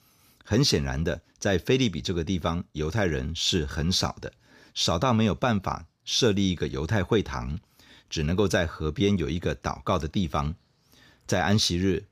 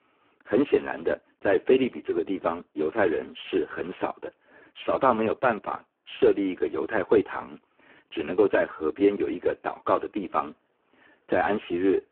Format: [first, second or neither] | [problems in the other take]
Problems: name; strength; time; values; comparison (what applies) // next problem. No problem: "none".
first | phone-call audio; poor line